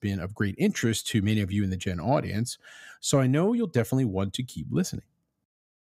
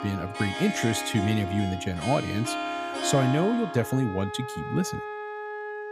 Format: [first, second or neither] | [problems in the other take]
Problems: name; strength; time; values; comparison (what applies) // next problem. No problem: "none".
first | background music; loud; throughout; 6 dB below the speech